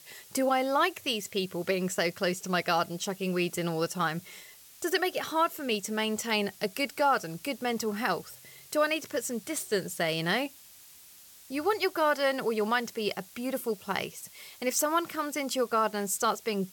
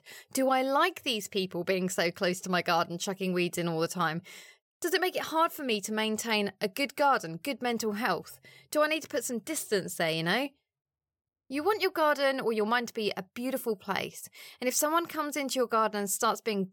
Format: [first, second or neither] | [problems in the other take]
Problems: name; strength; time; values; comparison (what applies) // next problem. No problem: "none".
second | hiss; faint; throughout; 20 dB below the speech